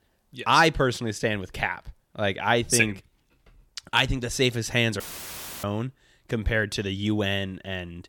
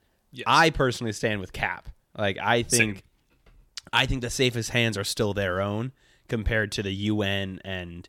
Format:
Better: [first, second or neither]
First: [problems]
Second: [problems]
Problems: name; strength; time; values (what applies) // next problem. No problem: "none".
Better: second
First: audio cutting out; filled with static; at 5 s for 0.5 s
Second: none